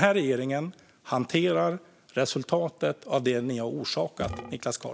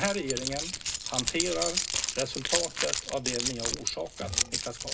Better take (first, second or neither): first